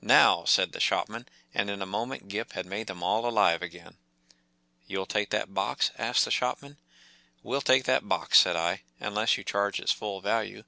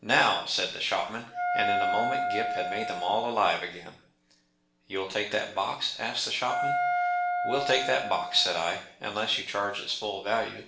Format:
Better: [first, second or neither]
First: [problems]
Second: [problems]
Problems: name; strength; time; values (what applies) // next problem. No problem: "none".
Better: first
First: none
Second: background sound (Wind instrument, woodwind instrument); 1 dB below the speech // room echo; dies away in 0.5 s